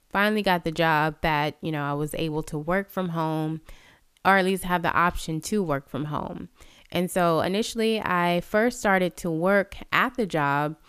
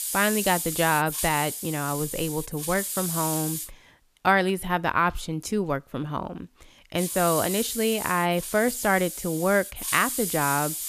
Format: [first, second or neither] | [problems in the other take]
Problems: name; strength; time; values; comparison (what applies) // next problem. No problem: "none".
first | hiss; loud; until 3.5 s and from 7 s on; 4 dB below the speech